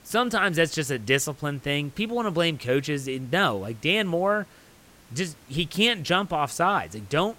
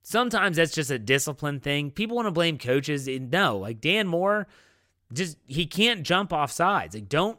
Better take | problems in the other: second | hiss; faint; throughout; 25 dB below the speech

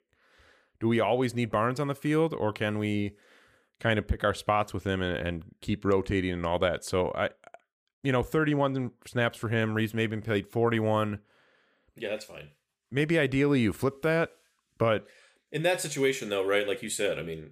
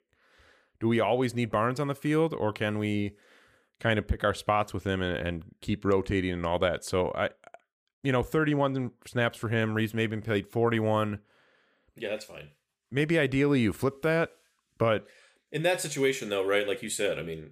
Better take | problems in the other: neither | none

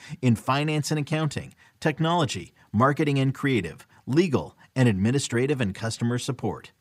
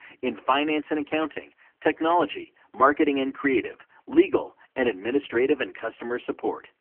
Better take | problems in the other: first | phone-call audio; poor line; nothing above 3 kHz

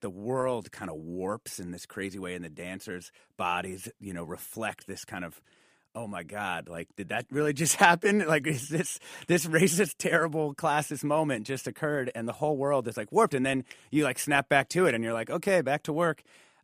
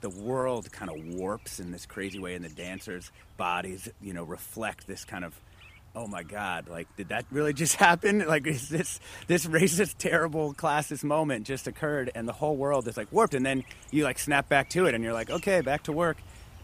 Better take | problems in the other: first | animal sounds; faint; throughout; 20 dB below the speech

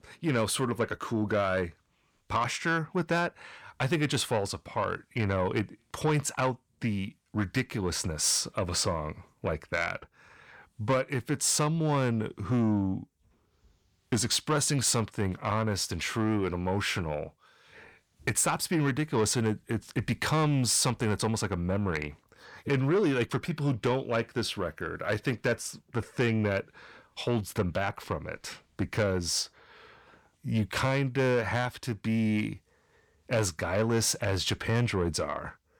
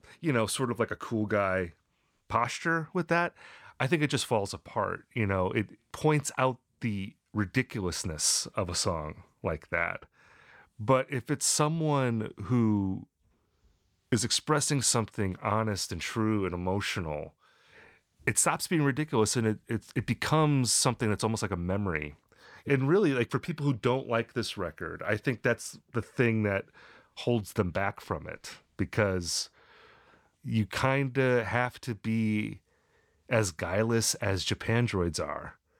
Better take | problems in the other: second | distortion; slight; 10 dB below the speech

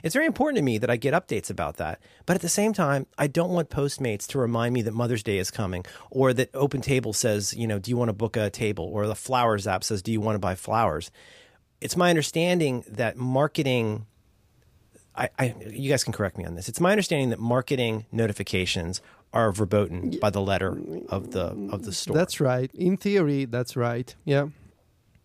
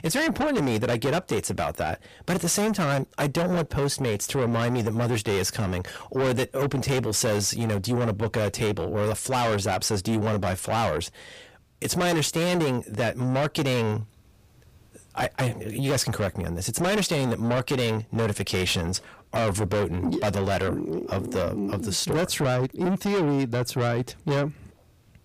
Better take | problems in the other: first | distortion; heavy; 6 dB below the speech

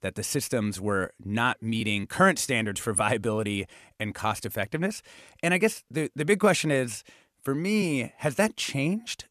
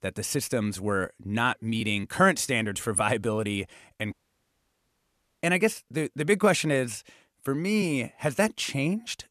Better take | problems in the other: first | audio cutting out; at 4 s for 1.5 s

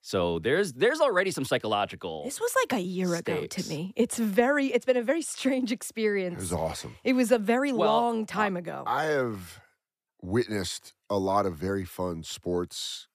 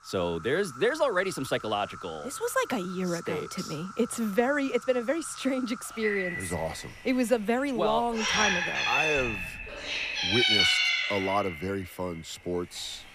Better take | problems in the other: first | animal sounds; very loud; throughout; 3 dB above the speech

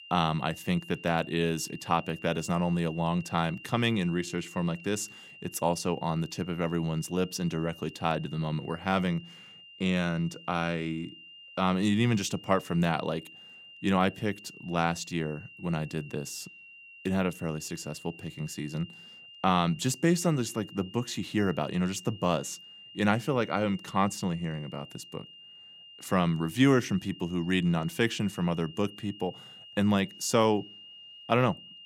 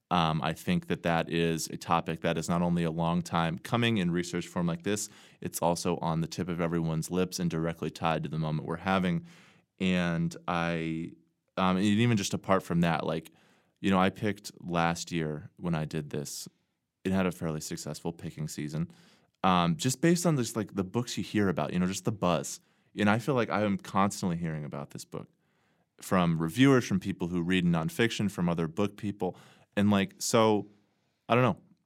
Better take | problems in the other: second | high-pitched whine; noticeable; throughout; 3 kHz, 15 dB below the speech

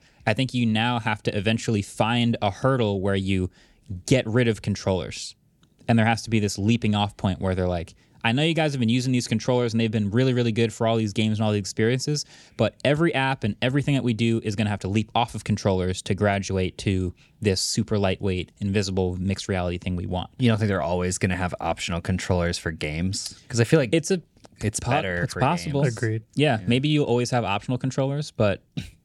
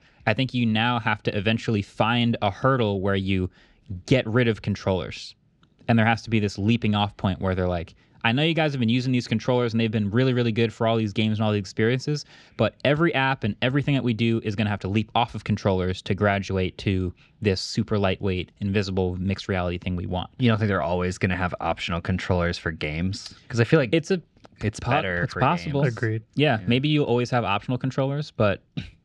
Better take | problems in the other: first | muffled; very slightly; fading above 3.5 kHz

